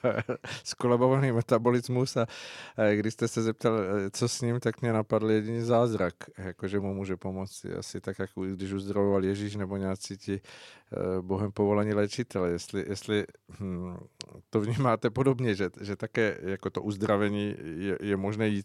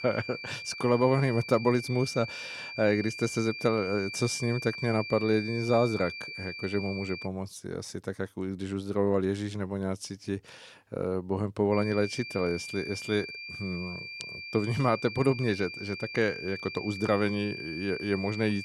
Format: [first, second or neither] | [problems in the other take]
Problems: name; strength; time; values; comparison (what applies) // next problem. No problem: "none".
first | high-pitched whine; loud; until 7.5 s and from 12 s on; 2.5 kHz, 8 dB below the speech